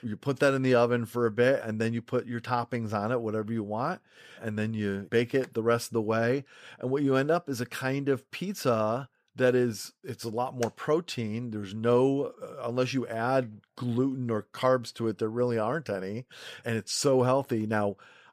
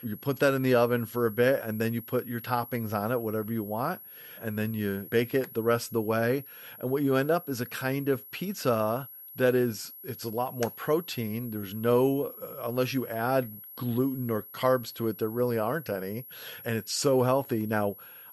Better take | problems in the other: first | high-pitched whine; noticeable; throughout; 11.5 kHz, 15 dB below the speech

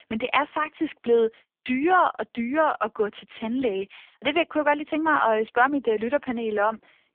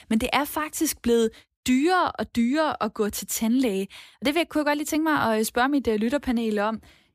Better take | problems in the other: second | phone-call audio; poor line; nothing above 3 kHz

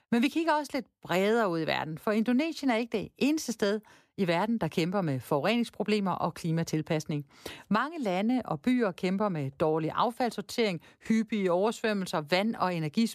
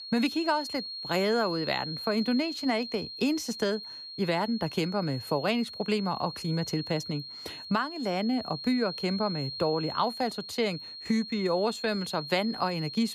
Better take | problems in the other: first | high-pitched whine; loud; throughout; 4 kHz, 8 dB below the speech

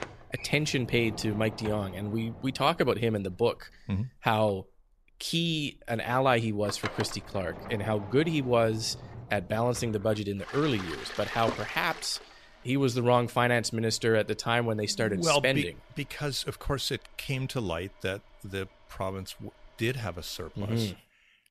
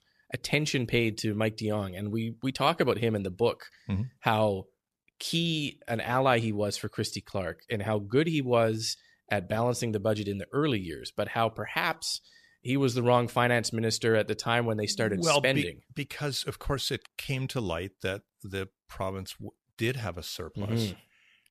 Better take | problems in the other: second | household noises; noticeable; throughout; 15 dB below the speech

